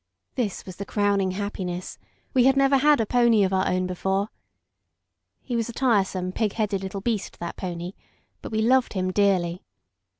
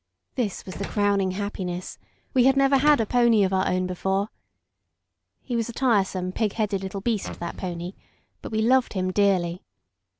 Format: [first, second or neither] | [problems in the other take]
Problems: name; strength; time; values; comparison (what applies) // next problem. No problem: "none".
first | background sound (Fart + Slam); 16 dB below the speech